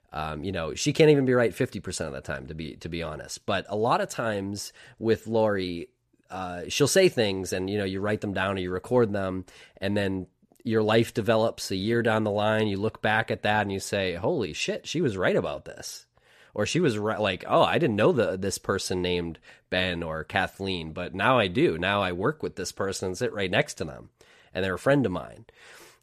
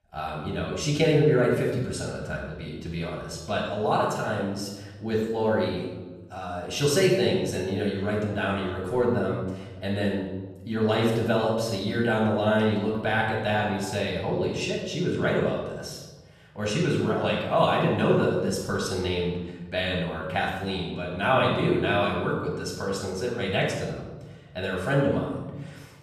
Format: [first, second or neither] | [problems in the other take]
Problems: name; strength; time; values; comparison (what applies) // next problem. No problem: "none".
first | room echo; noticeable; dies away in 1.1 s // off-mic speech; far